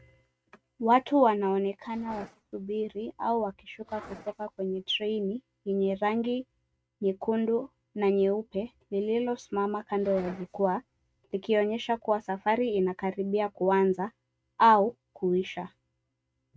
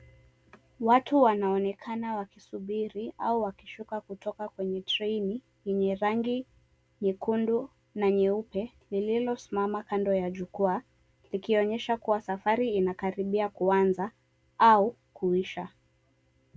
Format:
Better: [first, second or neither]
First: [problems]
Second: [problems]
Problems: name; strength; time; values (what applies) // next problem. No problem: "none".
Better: second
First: noise reduction (neural mask model RNNoise)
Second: none